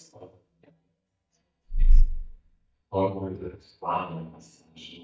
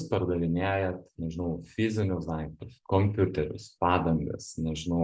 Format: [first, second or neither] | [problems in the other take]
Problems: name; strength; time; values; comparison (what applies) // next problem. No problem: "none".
second | noise reduction (neural mask model DeepFilterNet 3)